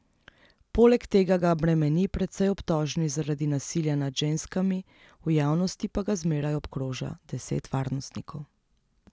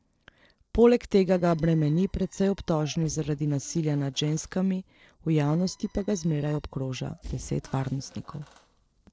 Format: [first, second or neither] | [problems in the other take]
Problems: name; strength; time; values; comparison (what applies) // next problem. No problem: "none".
first | noise reduction (neural separator model SepFormer DNS4)